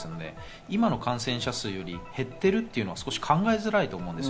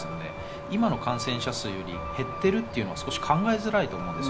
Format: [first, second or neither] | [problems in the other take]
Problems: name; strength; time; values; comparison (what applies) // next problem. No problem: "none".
first | background sound (Truck); 8 dB below the speech